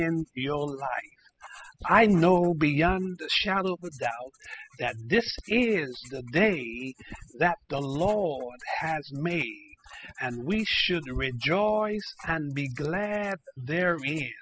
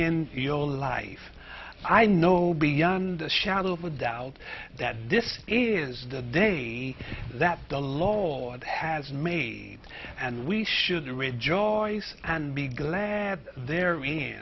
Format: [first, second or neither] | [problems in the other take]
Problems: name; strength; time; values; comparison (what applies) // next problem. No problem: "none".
second | noise reduction (classical method spectral subtraction)